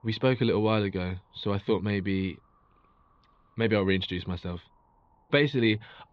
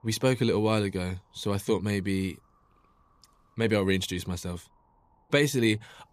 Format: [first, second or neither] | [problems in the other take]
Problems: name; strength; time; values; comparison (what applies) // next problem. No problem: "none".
second | muffled; slightly; fading above 4 kHz